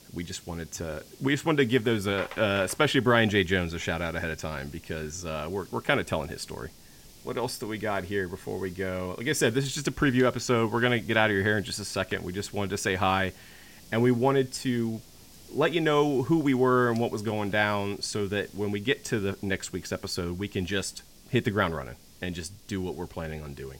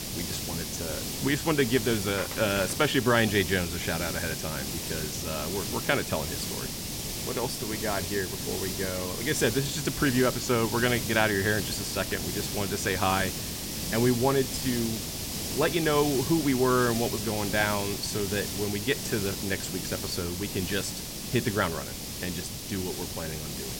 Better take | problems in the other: first | hiss; loud; throughout; 4 dB below the speech; faint in the first

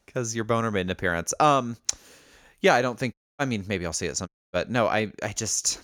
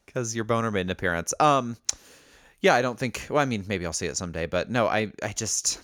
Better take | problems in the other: second | audio cutting out; at 3 s and at 4.5 s

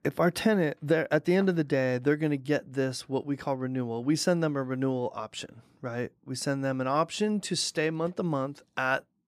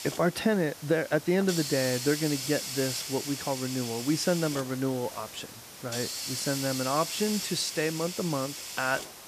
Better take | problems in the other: first | hiss; loud; throughout; 5 dB below the speech

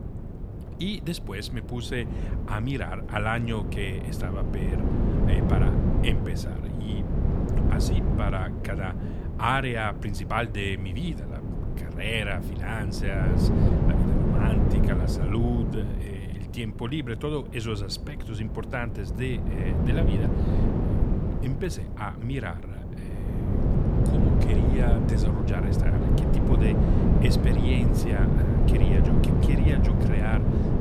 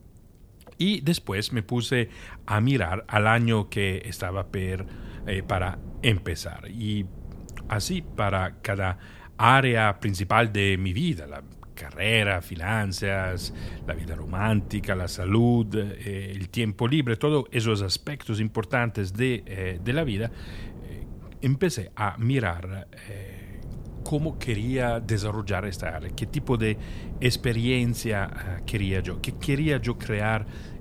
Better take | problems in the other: second | wind noise on the microphone; heavy; 1 dB below the speech; occasional gusts in the second

